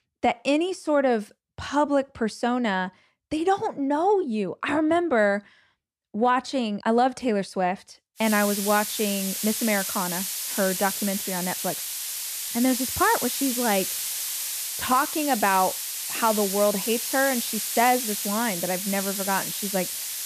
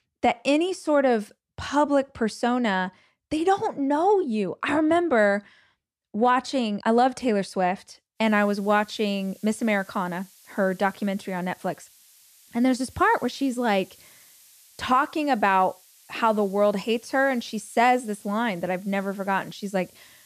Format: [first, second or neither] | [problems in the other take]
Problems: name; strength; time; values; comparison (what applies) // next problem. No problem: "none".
second | hiss; loud; from 8 s on; 3 dB below the speech; faint in the second